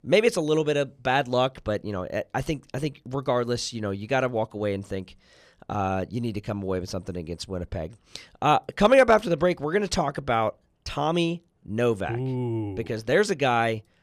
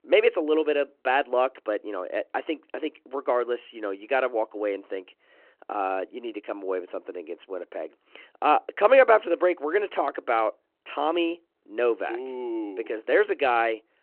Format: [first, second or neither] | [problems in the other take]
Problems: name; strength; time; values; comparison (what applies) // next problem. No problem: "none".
first | phone-call audio